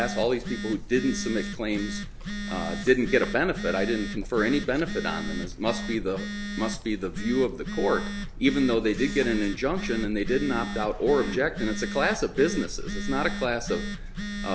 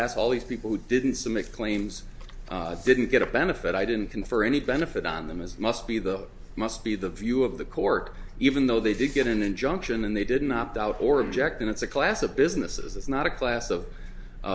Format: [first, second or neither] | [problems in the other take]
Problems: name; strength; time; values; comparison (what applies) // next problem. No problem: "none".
second | background sound (Telephone); 8 dB below the speech